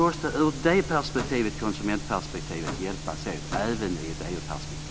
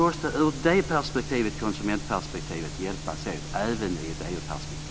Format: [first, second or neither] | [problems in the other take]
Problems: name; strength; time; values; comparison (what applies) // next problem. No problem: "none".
second | background sound (Slam / Microwave oven); 13 dB below the speech